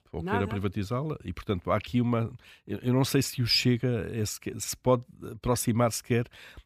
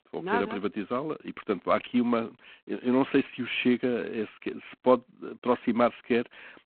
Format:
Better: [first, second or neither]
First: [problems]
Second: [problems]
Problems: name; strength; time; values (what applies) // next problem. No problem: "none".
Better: first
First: none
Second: phone-call audio; poor line